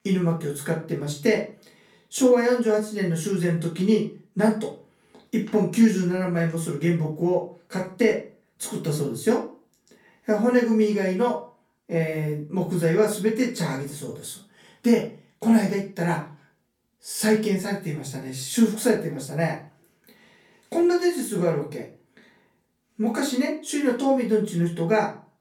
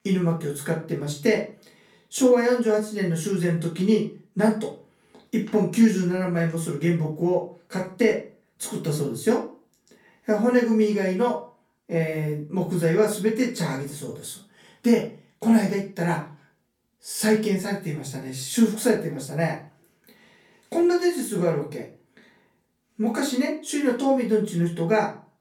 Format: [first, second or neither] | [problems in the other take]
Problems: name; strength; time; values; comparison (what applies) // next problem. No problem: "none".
neither | off-mic speech; far; the same in both // room echo; slight; dies away in 0.3 s; the same in both